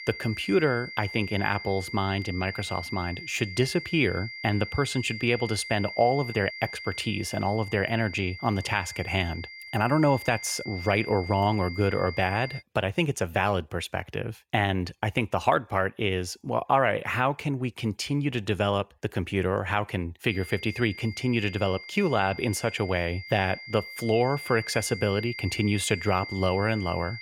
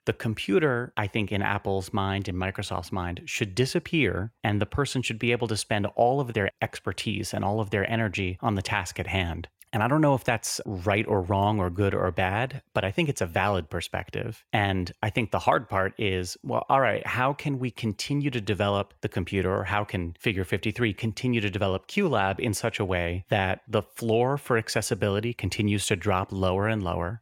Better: second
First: high-pitched whine; noticeable; until 13 s and from 20 s on; 2 kHz, 10 dB below the speech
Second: none

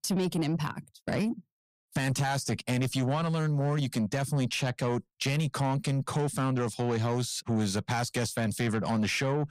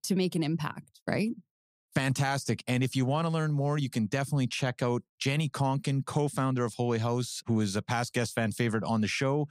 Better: second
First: distortion; slight; 10 dB below the speech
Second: none

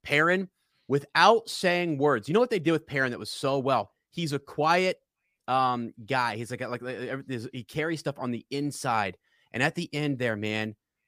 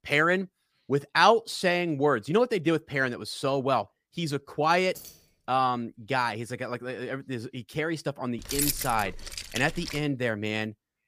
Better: first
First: none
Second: jangling keys; faint; at 5 s; peak 15 dB below the speech // jangling keys; loud; from 8.5 to 10 s; peak level with the speech

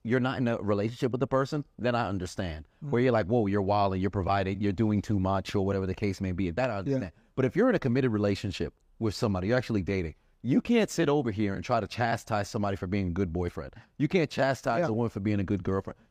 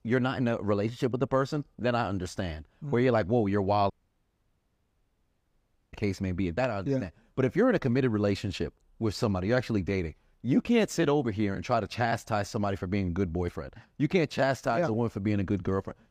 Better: first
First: none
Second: audio cutting out; at 4 s for 2 s

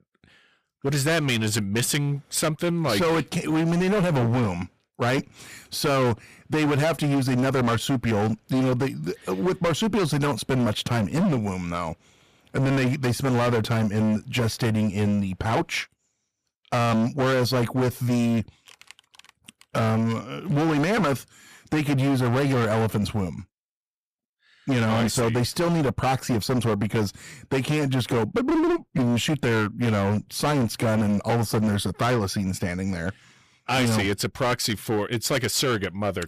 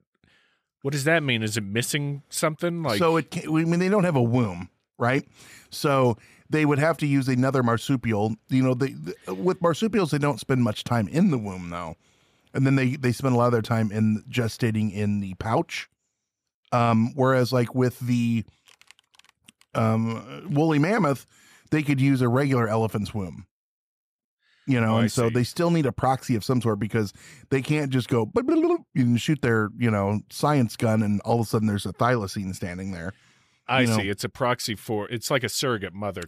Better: second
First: distortion; heavy; 21% of the sound clipped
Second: none

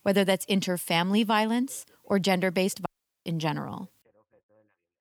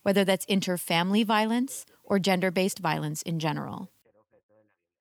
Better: second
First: audio cutting out; at 3 s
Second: none

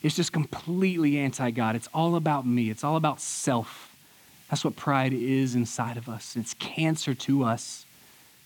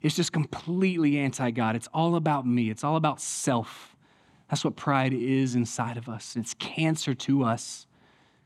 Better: second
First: hiss; faint; throughout; 25 dB below the speech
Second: none

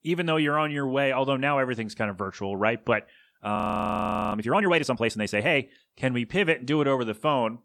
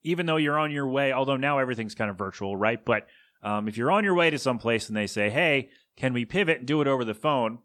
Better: second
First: audio freezing; at 3.5 s for 1 s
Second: none

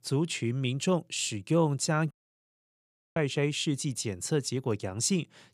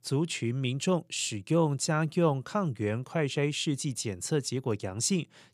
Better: second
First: audio cutting out; at 2 s for 1 s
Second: none

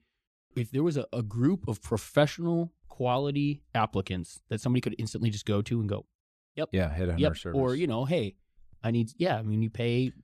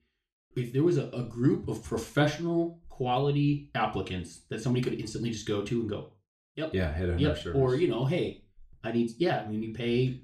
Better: first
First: none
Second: room echo; slight; dies away in 0.3 s // off-mic speech; somewhat distant

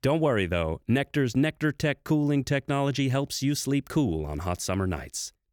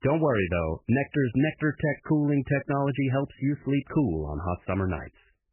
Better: first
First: none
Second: garbled, watery; badly; nothing above 3 kHz

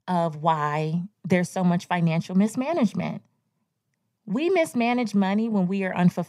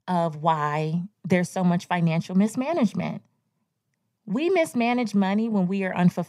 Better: neither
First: none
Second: none

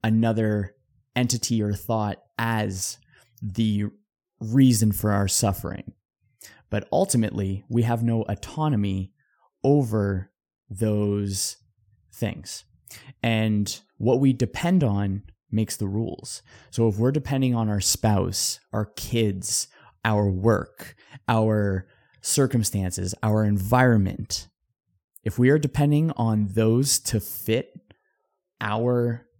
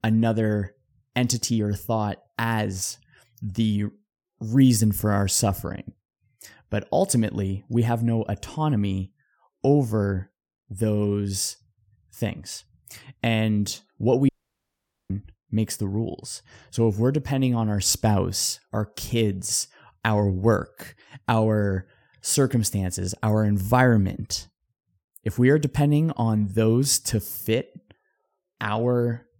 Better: first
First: none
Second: audio cutting out; at 14 s for 1 s

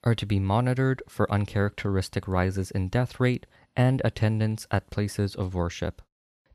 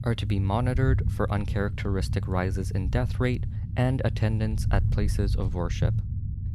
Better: first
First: none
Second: low rumble; noticeable; throughout; 10 dB below the speech

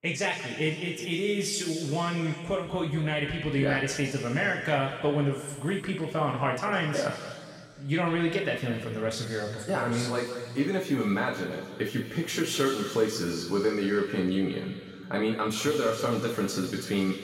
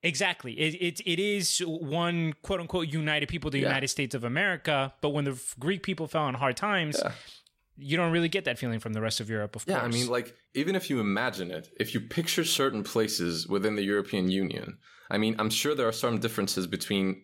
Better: second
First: room echo; noticeable; dies away in 2.1 s // off-mic speech; far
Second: none

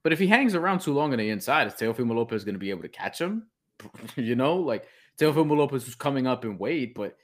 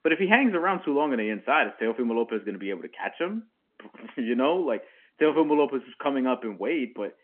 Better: first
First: none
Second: phone-call audio

